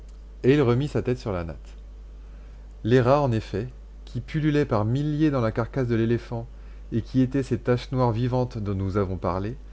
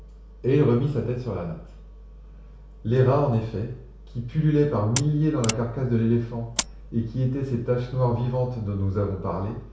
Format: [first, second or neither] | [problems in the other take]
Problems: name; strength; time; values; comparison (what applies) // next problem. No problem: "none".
first | background sound (Mechanisms); 9 dB below the speech // room echo; dies away in 0.6 s